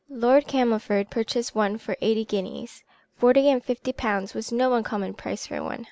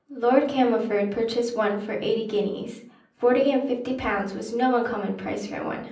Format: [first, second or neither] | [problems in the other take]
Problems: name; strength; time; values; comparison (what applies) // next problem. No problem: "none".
first | room echo; dies away in 0.6 s